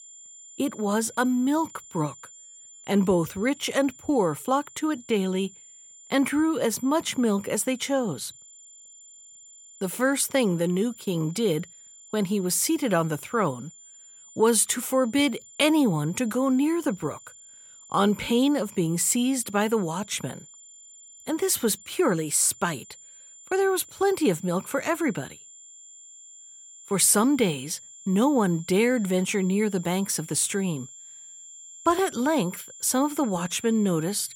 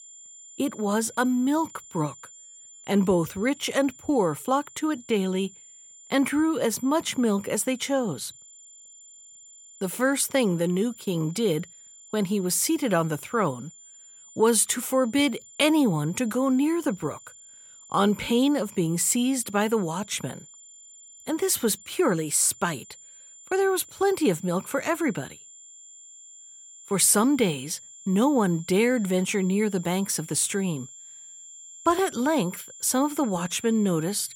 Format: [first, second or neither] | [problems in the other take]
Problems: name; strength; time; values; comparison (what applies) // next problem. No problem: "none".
neither | high-pitched whine; faint; throughout; 7.5 kHz, 20 dB below the speech; the same in both